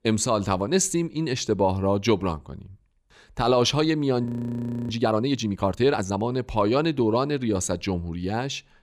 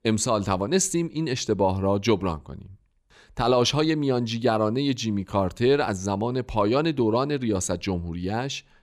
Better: second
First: audio freezing; at 4.5 s for 0.5 s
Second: none

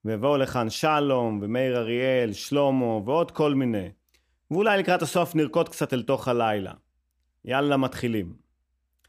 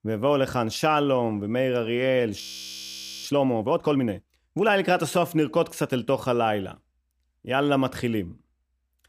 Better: first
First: none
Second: audio freezing; at 2.5 s for 1 s

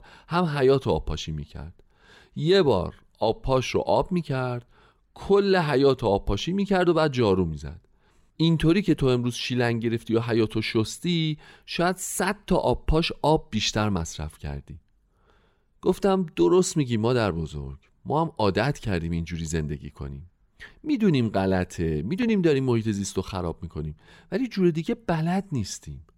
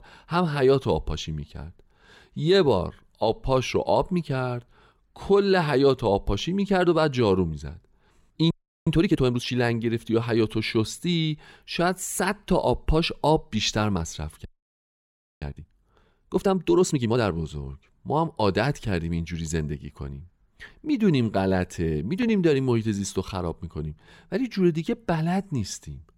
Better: first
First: none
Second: audio freezing; at 8.5 s and at 14 s for 1 s

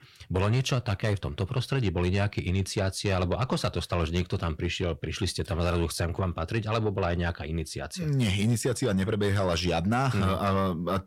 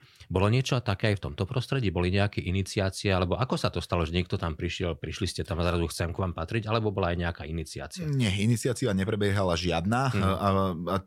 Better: second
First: distortion; slight; 10 dB below the speech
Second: none

